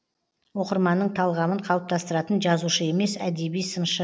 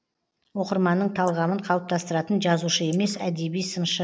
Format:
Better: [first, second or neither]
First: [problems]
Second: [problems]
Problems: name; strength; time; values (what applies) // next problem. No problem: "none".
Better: first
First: none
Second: noise reduction (neural mask model Resemble Enhance denoiser)